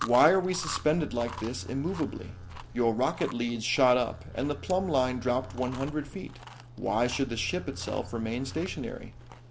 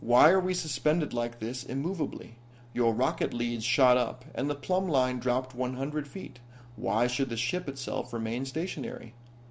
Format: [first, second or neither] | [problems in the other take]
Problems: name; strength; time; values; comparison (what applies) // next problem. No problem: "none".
second | background sound (Livestock, farm animals, working animals + Chewing, mastication); 13 dB below the speech